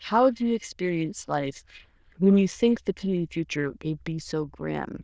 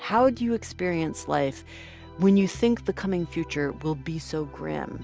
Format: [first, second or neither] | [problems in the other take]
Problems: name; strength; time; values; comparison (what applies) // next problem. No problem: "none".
second | noise reduction (neural diffusion model UNIVERSE++)